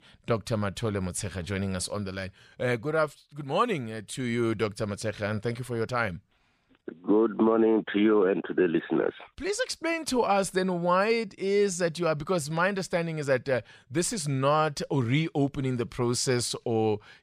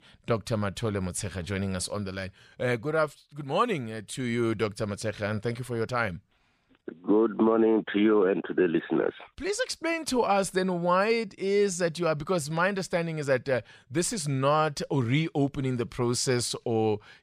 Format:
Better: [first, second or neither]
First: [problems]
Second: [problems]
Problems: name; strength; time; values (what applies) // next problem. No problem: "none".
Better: neither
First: none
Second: none